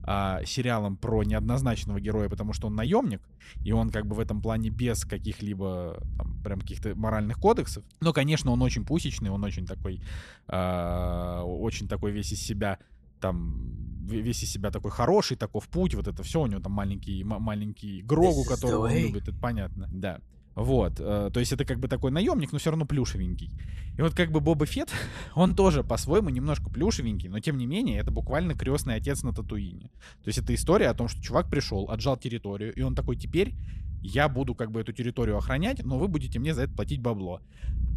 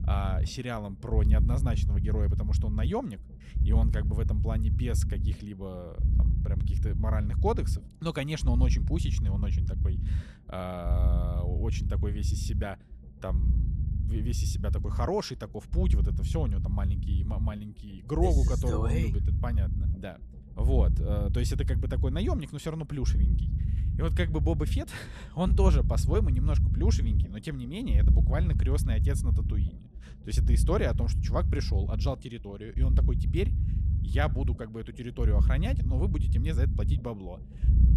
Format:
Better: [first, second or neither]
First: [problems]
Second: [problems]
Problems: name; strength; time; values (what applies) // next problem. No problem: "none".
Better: first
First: low rumble; faint; throughout; 25 dB below the speech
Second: low rumble; loud; throughout; 7 dB below the speech